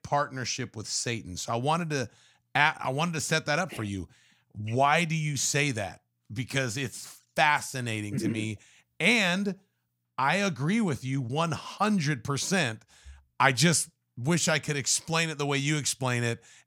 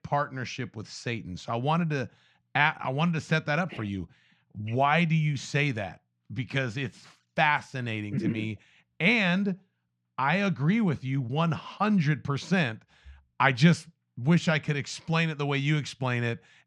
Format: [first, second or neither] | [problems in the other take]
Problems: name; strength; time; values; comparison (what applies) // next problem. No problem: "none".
first | muffled; slightly; fading above 3 kHz